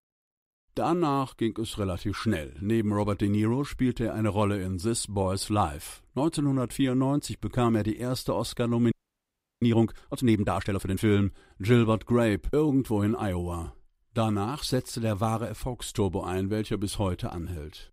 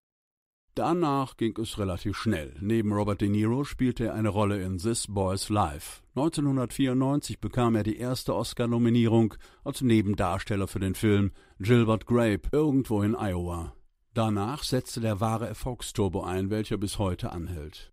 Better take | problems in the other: second | audio freezing; at 9 s for 0.5 s

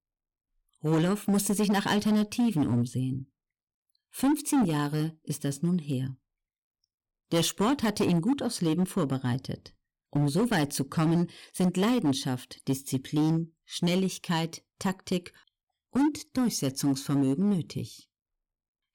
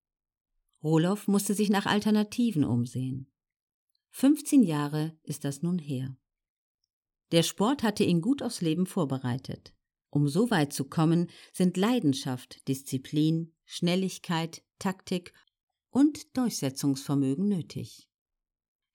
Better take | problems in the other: second | distortion; slight; 8% of the sound clipped

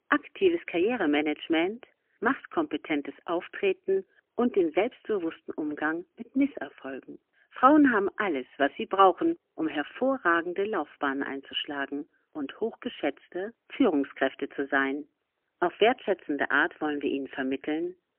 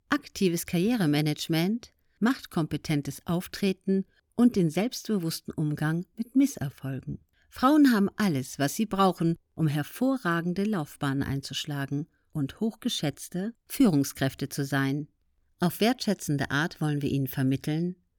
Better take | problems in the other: second | phone-call audio; poor line; nothing above 3 kHz

